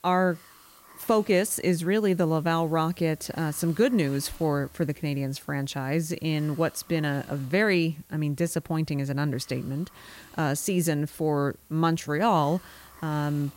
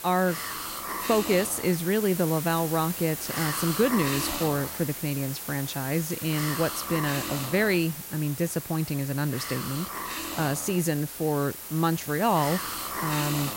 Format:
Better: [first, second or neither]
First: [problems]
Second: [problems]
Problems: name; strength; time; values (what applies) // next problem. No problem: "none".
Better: first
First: hiss; faint; throughout; 25 dB below the speech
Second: hiss; loud; throughout; 5 dB below the speech